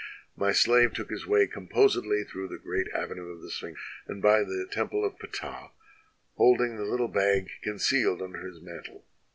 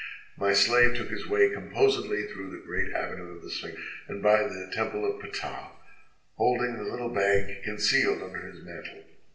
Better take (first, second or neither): first